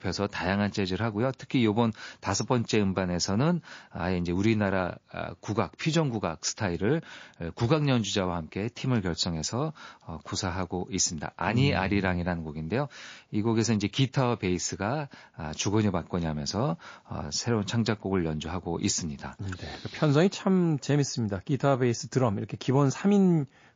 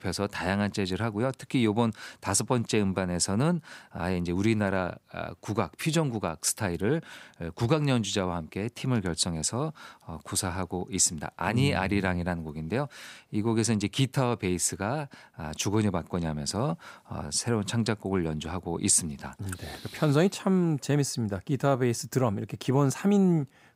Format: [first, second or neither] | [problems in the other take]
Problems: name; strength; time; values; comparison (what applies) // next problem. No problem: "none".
second | garbled, watery; slightly